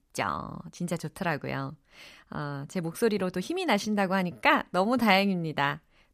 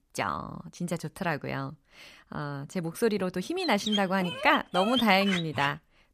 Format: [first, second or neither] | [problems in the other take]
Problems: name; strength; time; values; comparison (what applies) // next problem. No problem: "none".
first | dog barking; noticeable; from 3.5 s on; peak 2 dB below the speech